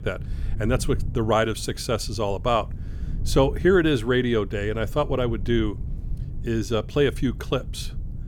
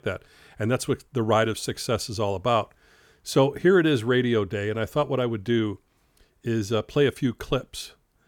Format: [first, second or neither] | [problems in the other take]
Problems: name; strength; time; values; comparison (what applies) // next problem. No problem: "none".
second | low rumble; faint; throughout; 25 dB below the speech